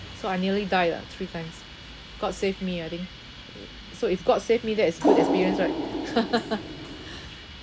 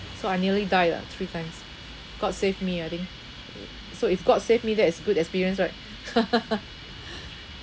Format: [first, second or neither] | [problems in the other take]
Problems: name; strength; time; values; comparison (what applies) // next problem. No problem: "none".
second | background sound (Water); as loud as the speech